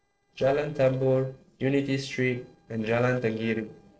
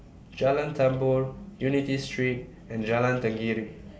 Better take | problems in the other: second | noise reduction (neural separator model SepFormer DNS4)

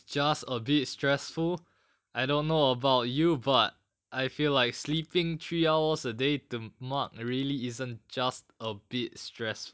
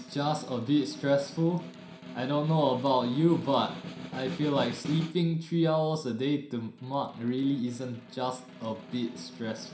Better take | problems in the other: first | background sound (Snare drum); 14 dB below the speech // room echo; dies away in 0.5 s

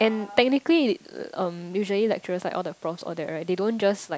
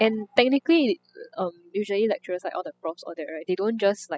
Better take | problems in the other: first | noise reduction (classical method spectral subtraction)

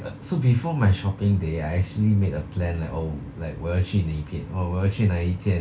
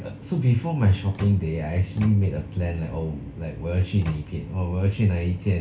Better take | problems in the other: first | background sound (Microwave oven); 15 dB below the speech // room echo; dies away in 1.6 s

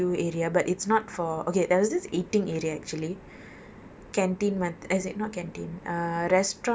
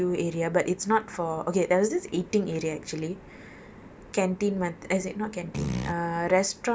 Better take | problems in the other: first | background sound (Fart); 5 dB below the speech

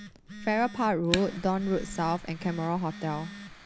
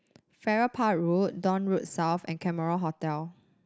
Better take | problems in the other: second | background sound (Telephone + Fire); 10 dB below the speech

